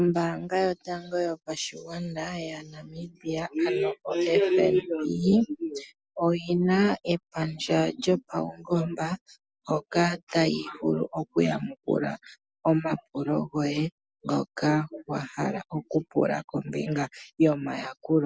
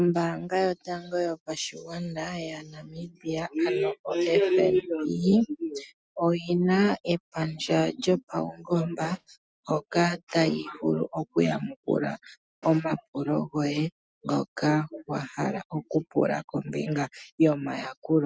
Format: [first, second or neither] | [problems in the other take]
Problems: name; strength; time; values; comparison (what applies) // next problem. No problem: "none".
first | noise reduction (neural mask model RNNoise)